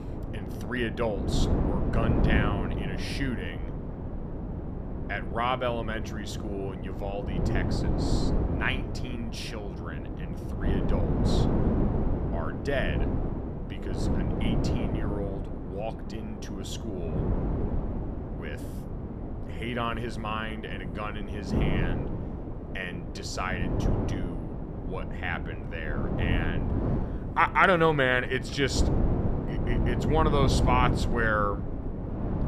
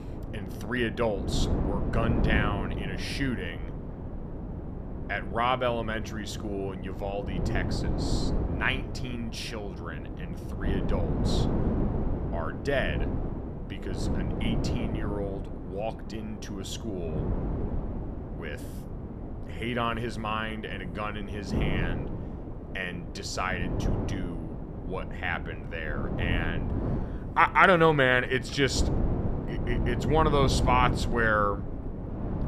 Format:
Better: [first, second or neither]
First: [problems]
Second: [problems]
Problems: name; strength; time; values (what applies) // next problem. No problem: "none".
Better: second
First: wind noise on the microphone; heavy; 7 dB below the speech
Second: wind noise on the microphone; occasional gusts; 10 dB below the speech